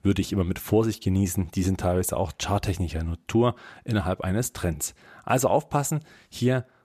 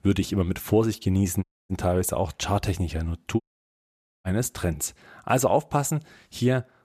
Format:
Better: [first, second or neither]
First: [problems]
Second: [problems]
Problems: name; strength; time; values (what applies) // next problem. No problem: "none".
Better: first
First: none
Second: audio cutting out; at 1.5 s and at 3.5 s for 1 s